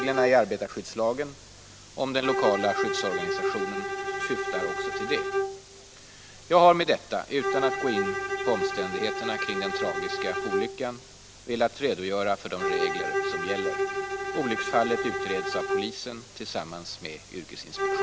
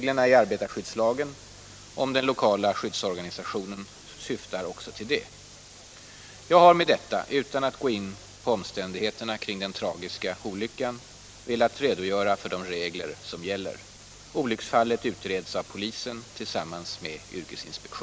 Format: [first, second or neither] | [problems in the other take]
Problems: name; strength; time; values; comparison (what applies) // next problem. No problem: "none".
second | background sound (Bowed string instrument); 2 dB below the speech